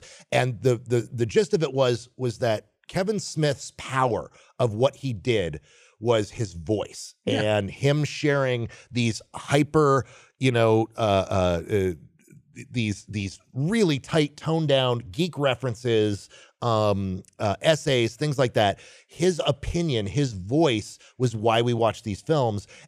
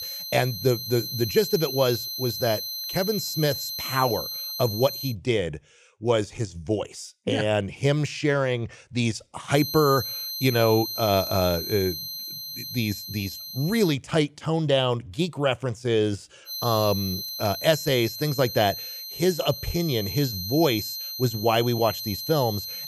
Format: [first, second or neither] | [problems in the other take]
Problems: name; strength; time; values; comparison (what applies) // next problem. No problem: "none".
first | high-pitched whine; loud; until 5 s, from 9.5 to 14 s and from 16 s on; 4 kHz, 6 dB below the speech